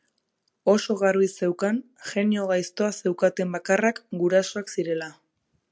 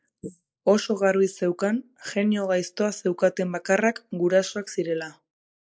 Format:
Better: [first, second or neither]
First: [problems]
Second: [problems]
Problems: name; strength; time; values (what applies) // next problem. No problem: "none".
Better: first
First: none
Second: noise reduction (neural mask model Resemble Enhance denoiser)